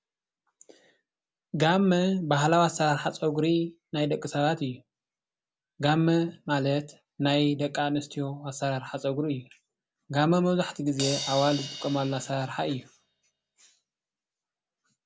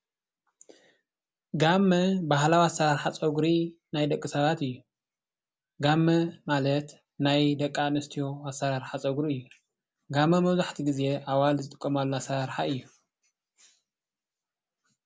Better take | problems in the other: second | background sound (Crash cymbal); 11 dB below the speech

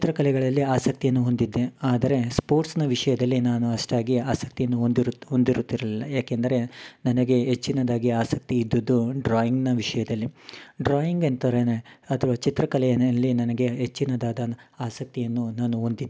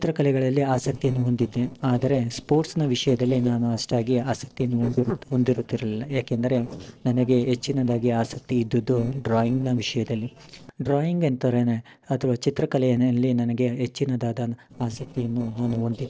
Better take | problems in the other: first | noise reduction (neural separator model SepFormer DNS4)

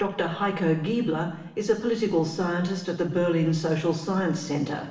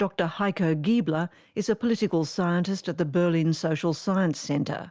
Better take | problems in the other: second | room echo; dies away in 0.9 s

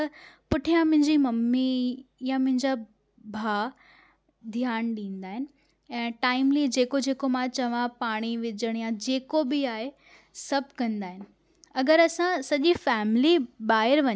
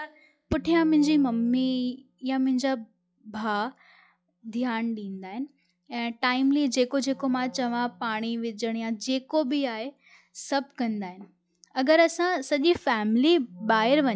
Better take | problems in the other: first | noise reduction (classical method log-MMSE)

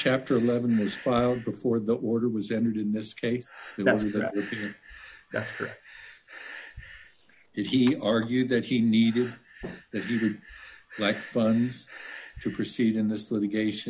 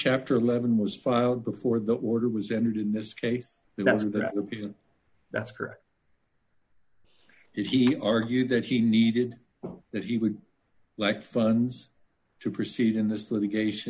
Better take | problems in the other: second | background sound (Breathing); 18 dB below the speech

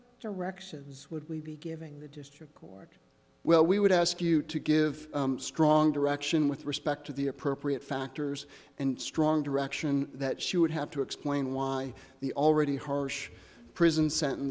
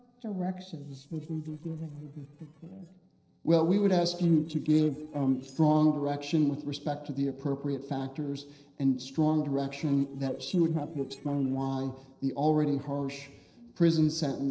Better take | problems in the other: first | noise reduction (neural separator model SepFormer DNS4)

